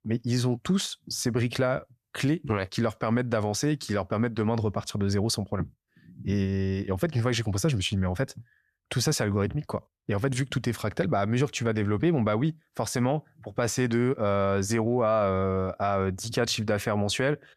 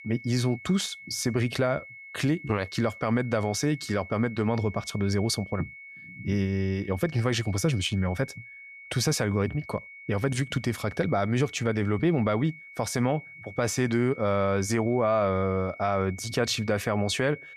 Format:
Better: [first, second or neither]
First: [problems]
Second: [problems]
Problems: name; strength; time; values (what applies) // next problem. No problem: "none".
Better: first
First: none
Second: high-pitched whine; noticeable; throughout; 2 kHz, 15 dB below the speech